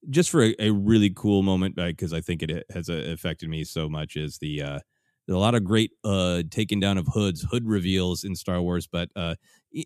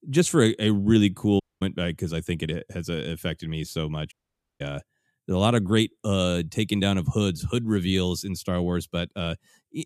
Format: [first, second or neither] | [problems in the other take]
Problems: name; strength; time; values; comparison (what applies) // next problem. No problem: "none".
first | audio cutting out; at 1.5 s and at 4 s